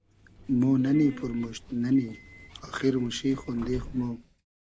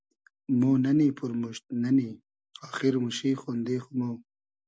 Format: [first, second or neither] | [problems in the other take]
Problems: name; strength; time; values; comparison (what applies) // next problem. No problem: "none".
second | background sound (Subway, metro, underground); 16 dB below the speech